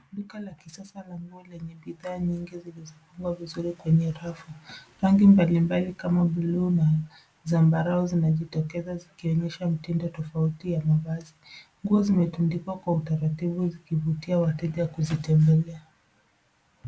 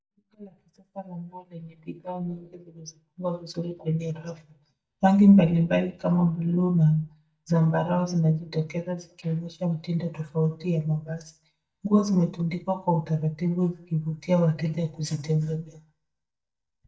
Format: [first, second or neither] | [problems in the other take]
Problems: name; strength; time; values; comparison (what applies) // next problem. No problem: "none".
first | noise reduction (neural mask model DeepFilterNet 3)